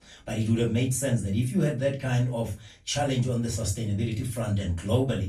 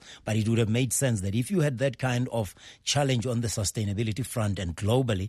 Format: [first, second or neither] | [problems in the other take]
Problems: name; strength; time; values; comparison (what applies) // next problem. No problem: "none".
second | room echo; slight; dies away in 0.2 s // off-mic speech; far